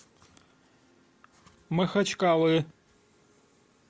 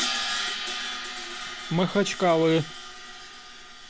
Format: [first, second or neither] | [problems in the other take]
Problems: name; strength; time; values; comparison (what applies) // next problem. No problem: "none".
first | background sound (Crash cymbal); 5 dB below the speech